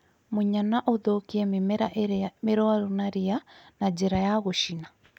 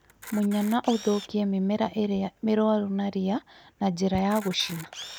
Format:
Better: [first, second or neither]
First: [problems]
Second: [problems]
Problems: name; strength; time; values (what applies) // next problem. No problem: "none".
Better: first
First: none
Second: background sound (Camera); 19 dB below the speech